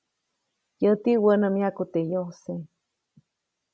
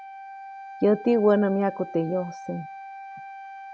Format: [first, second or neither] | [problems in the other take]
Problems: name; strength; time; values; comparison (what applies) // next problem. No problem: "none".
first | background sound (Wind instrument, woodwind instrument); 14 dB below the speech